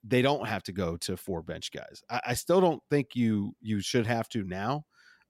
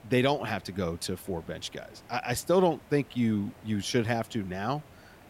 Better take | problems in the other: first | hiss; faint; throughout; 25 dB below the speech

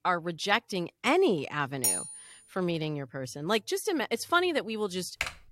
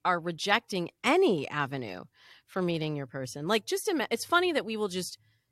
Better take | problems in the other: second | clattering dishes; loud; at 2 s; peak 2 dB above the speech // keyboard typing; noticeable; at 5 s; peak 6 dB below the speech

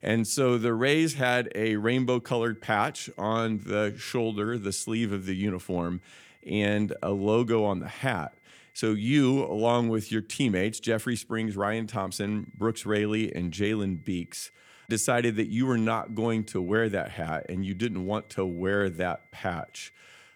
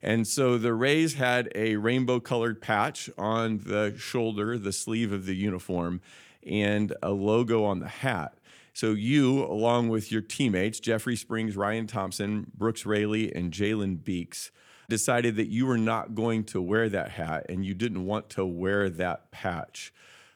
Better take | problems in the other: second | high-pitched whine; faint; from 2 to 9.5 s and from 12 s on; 2 kHz, 30 dB below the speech

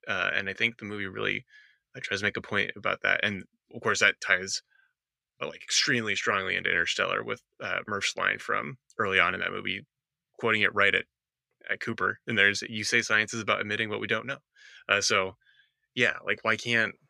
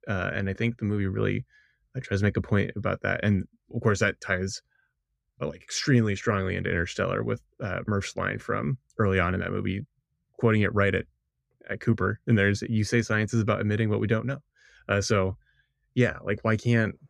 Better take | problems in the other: second | thin; very; fading below 1 kHz

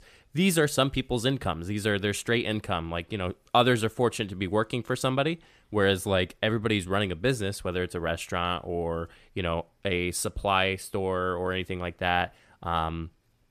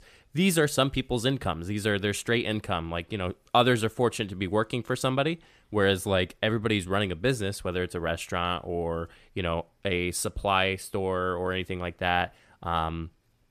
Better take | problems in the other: neither | none

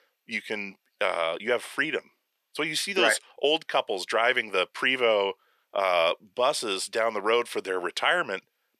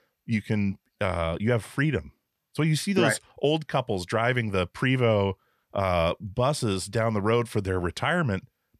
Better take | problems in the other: second | thin; very; fading below 400 Hz

